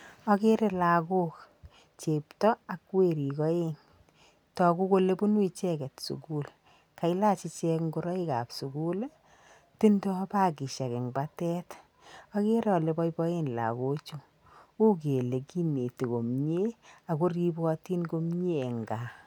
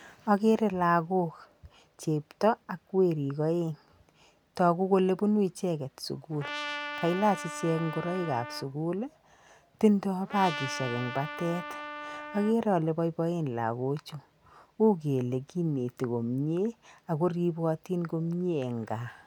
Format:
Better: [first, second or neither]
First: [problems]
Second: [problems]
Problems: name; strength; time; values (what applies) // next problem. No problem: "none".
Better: first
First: none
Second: background sound (Trumpet); 10 dB below the speech